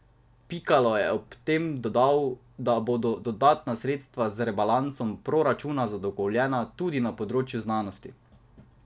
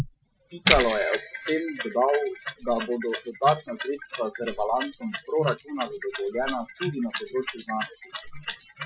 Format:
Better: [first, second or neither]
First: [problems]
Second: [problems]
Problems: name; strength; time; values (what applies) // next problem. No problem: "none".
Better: first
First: none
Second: noise reduction (classical method Wiener filter)